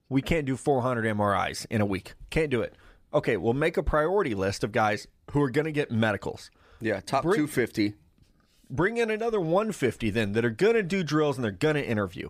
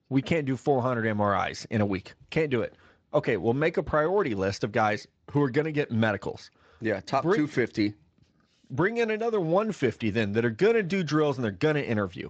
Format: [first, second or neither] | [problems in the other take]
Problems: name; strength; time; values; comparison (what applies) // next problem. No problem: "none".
first | garbled, watery; slightly; nothing above 7.5 kHz